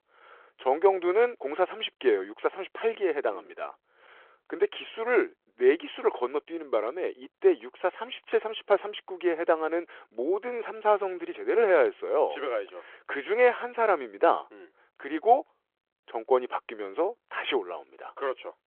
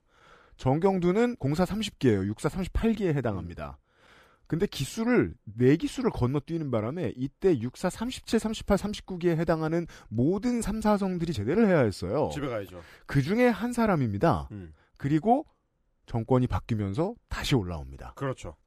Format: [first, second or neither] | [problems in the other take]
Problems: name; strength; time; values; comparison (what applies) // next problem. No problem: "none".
second | phone-call audio